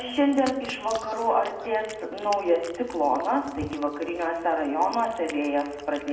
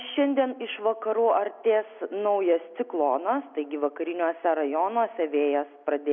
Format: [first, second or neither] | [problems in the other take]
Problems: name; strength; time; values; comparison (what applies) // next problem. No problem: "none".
second | background sound (Cat); 18 dB below the speech // room echo; dies away in 0.8 s